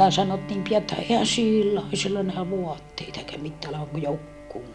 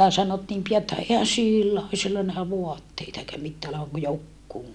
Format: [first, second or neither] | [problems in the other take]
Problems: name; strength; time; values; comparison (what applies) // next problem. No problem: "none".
second | background sound (Bowed string instrument); 14 dB below the speech